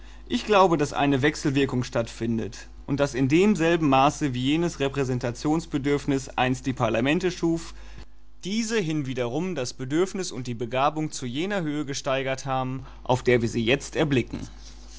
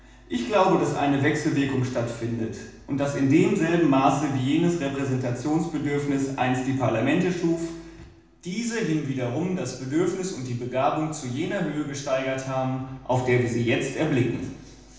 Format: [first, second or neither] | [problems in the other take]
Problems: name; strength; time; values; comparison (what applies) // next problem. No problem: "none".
first | room echo; dies away in 0.9 s